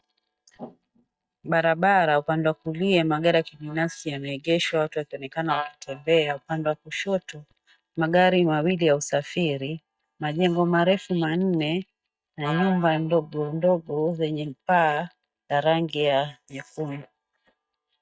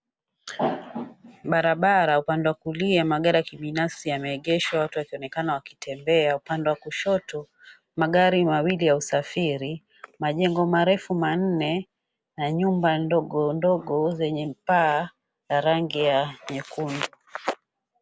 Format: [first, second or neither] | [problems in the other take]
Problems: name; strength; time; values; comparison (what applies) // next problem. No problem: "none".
second | noise reduction (neural mask model DeepFilterNet 3)